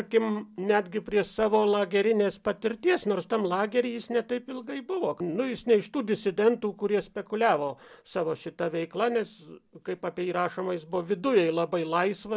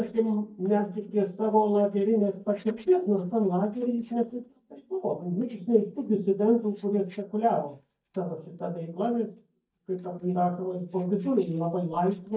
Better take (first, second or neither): first